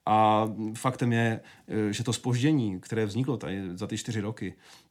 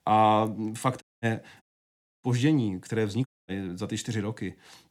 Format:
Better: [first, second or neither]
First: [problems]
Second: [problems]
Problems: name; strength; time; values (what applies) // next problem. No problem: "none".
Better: first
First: none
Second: audio cutting out; at 1 s, at 1.5 s for 0.5 s and at 3.5 s